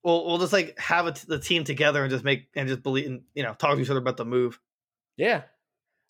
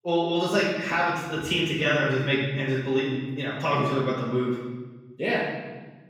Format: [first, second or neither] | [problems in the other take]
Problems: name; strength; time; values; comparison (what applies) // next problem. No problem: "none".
first | room echo; noticeable; dies away in 1.3 s // off-mic speech; far